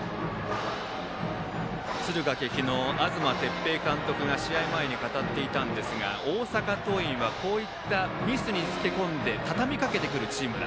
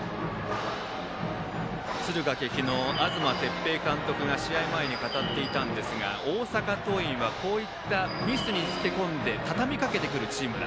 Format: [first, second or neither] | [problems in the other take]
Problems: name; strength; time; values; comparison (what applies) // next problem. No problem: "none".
first | background sound (Bird); 12 dB below the speech